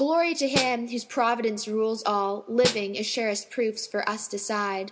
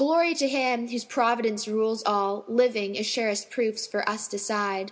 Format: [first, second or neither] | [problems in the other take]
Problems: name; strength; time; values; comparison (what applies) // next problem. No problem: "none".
second | background sound (Snare drum); 7 dB below the speech